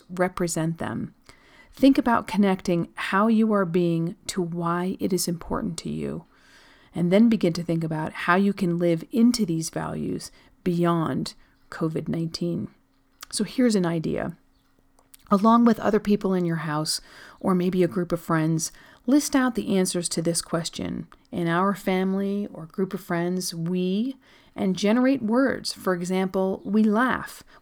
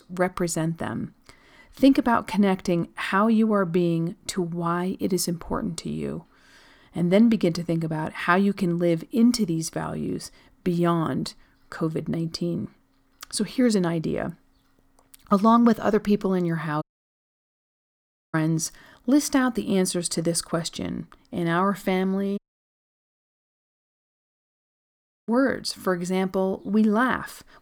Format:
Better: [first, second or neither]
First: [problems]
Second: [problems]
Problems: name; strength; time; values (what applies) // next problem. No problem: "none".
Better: first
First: none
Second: audio cutting out; at 17 s for 1.5 s and at 22 s for 3 s